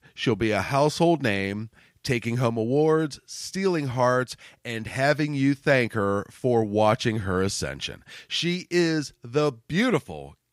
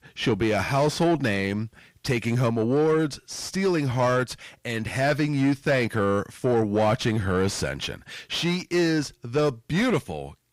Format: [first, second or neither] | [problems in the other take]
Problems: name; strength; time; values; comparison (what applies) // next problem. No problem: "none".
first | distortion; slight; 10 dB below the speech